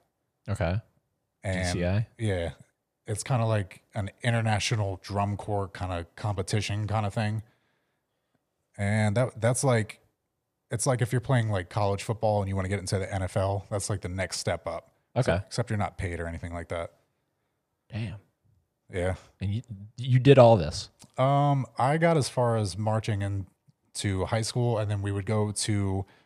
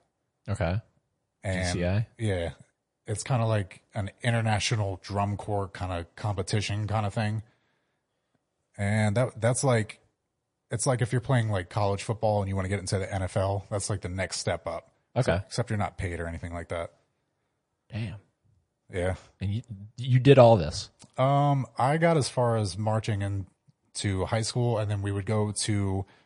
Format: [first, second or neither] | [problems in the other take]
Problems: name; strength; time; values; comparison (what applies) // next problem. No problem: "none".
first | garbled, watery; slightly; nothing above 10.5 kHz